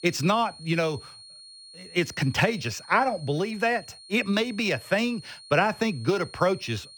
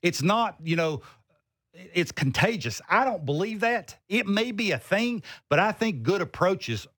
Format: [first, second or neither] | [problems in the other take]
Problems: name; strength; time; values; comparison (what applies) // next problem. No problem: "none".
second | high-pitched whine; noticeable; throughout; 4.5 kHz, 20 dB below the speech